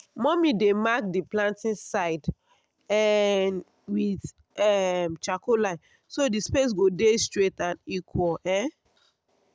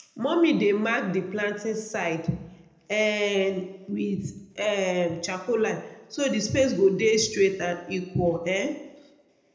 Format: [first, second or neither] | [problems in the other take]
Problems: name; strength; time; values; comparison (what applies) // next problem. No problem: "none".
first | room echo; dies away in 0.7 s